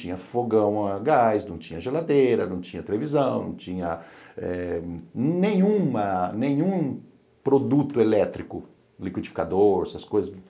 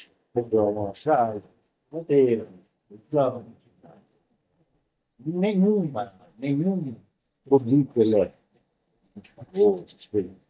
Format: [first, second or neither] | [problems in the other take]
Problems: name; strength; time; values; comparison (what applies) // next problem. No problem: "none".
first | noise reduction (neural mask model DeepFilterNet 3)